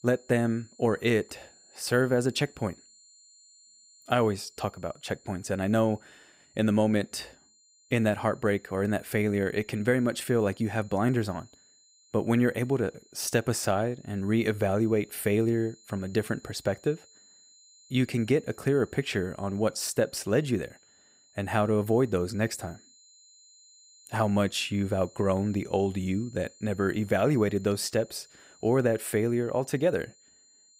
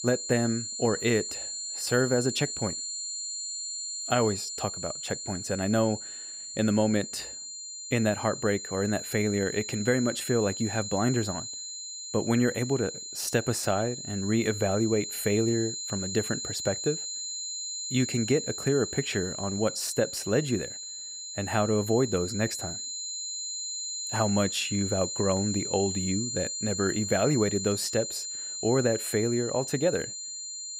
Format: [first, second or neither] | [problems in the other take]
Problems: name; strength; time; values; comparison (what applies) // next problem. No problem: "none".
first | high-pitched whine; loud; throughout; 7 kHz, 5 dB below the speech; faint in the first